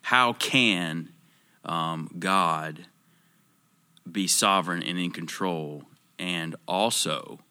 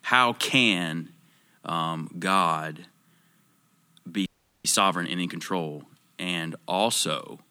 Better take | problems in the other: first | audio freezing; at 4.5 s

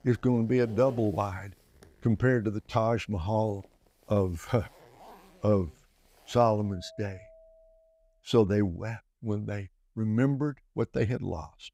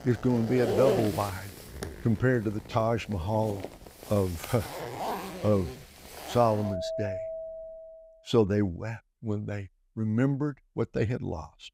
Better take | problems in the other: first | household noises; loud; until 8 s; 7 dB below the speech; faint in the first

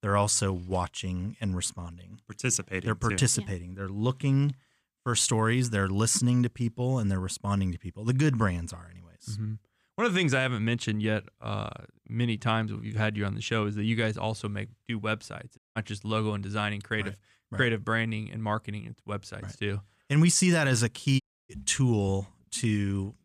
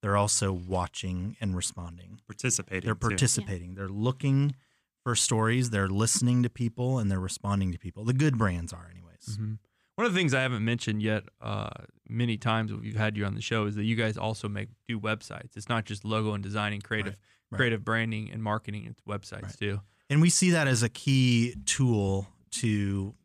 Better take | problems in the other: second | audio cutting out; at 16 s and at 21 s

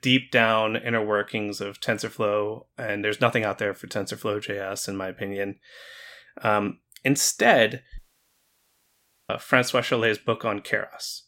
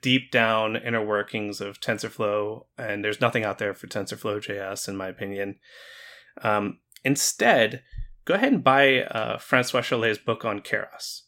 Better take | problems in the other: second | audio cutting out; at 8 s for 1.5 s

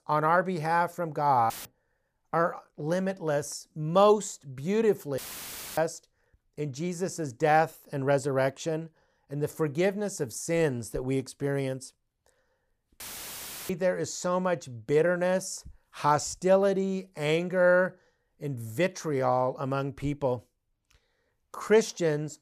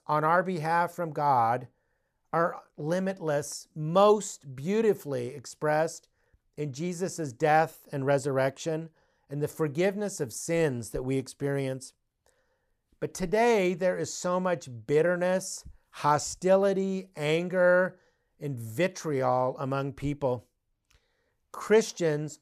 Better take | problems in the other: second | audio cutting out; filled with static; at 1.5 s, at 5 s for 0.5 s and at 13 s for 0.5 s

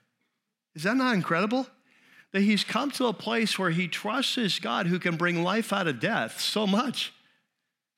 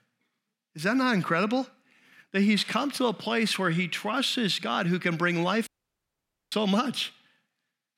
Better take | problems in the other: first | audio cutting out; at 5.5 s for 1 s

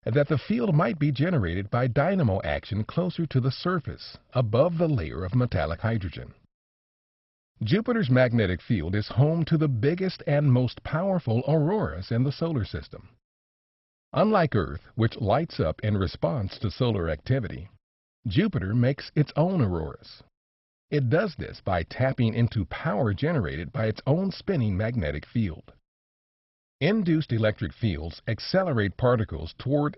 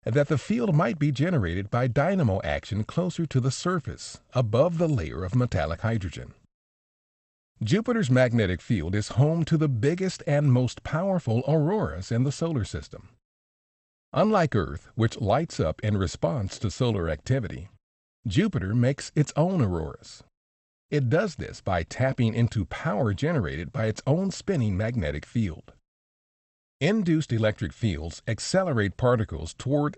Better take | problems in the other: second | garbled, watery; badly; nothing above 5.5 kHz; slightly in the second

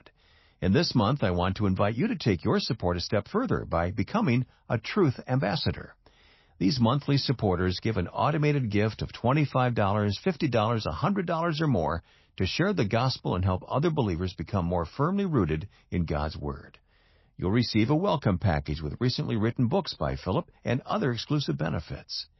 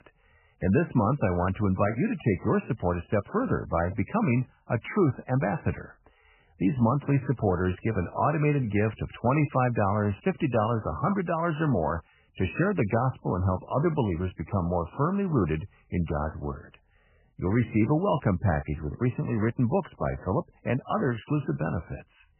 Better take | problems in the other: first | garbled, watery; badly; nothing above 3 kHz; slightly in the first

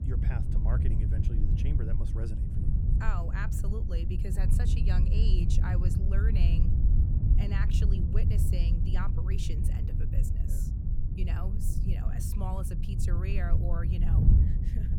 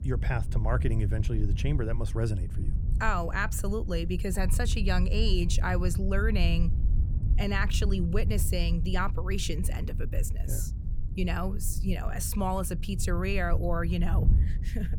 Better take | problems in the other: second | wind noise on the microphone; heavy; 1 dB below the speech; occasional gusts in the second

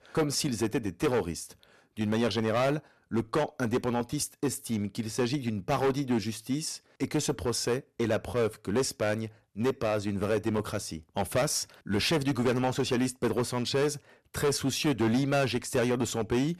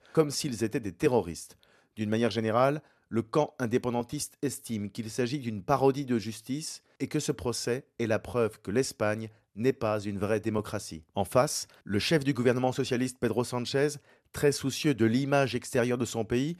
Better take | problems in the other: second | distortion; heavy; 9% of the sound clipped

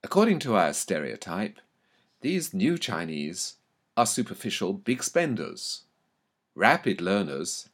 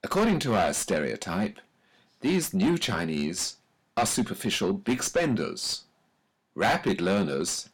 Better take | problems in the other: first | distortion; heavy; 5 dB below the speech

